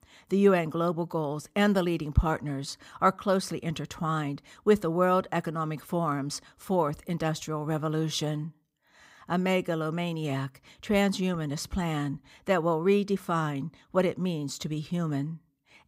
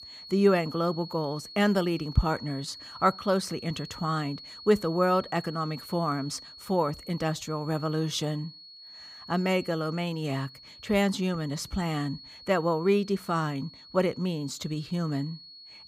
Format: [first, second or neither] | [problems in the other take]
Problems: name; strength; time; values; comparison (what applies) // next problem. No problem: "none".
first | high-pitched whine; noticeable; throughout; 4.5 kHz, 15 dB below the speech